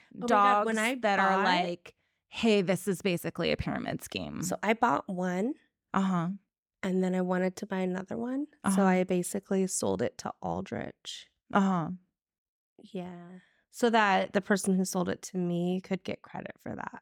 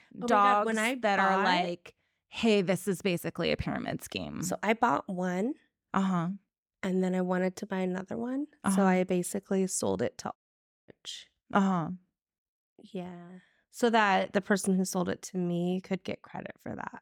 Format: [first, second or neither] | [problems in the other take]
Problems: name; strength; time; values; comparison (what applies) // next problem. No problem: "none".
first | audio cutting out; at 10 s for 0.5 s